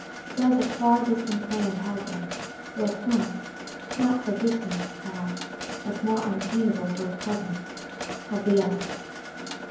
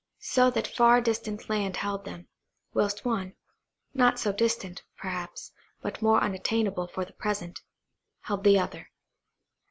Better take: second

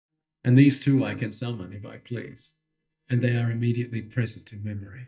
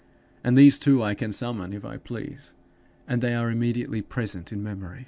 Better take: second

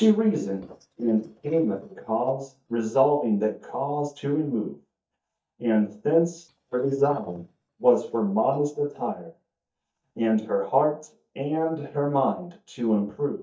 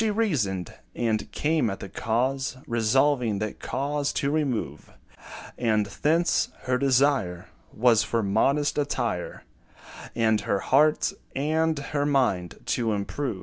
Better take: second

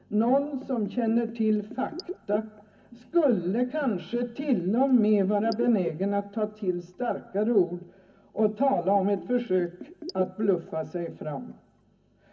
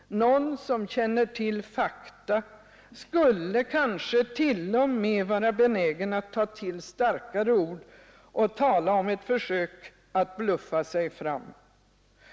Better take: second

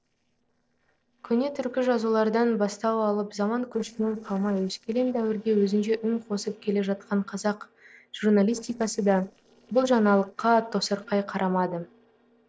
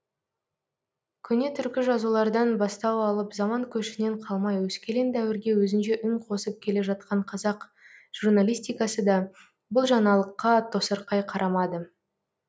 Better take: second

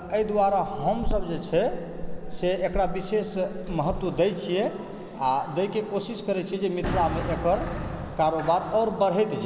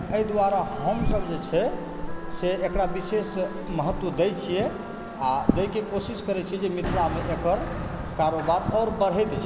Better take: first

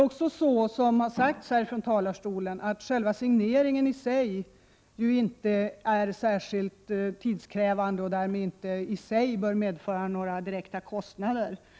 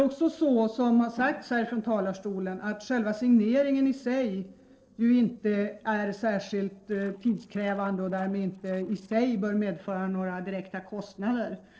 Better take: first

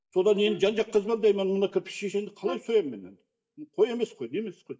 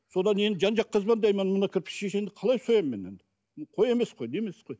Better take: second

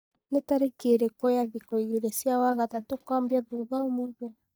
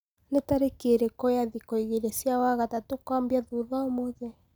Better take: second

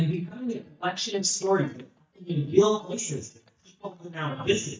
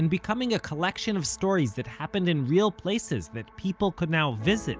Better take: second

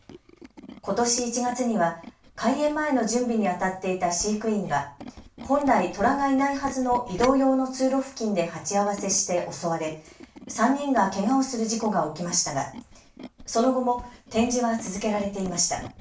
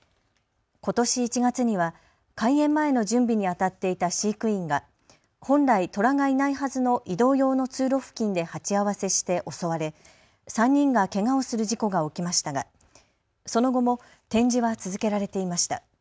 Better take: second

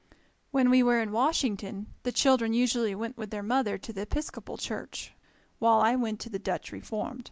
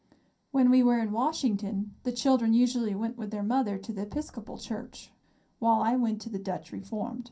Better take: first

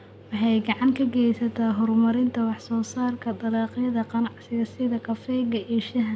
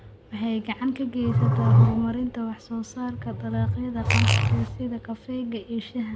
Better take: first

